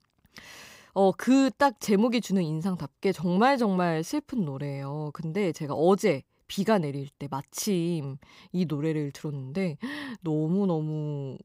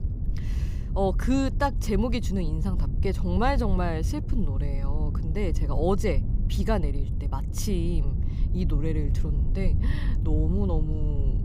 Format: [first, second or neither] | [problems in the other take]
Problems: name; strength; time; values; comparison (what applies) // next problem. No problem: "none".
first | low rumble; noticeable; throughout; 10 dB below the speech